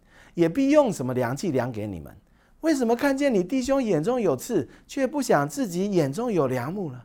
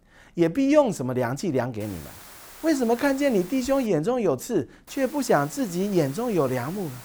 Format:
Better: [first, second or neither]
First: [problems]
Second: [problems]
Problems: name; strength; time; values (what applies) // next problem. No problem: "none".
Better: first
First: none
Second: hiss; noticeable; from 2 to 4 s and from 5 s on; 20 dB below the speech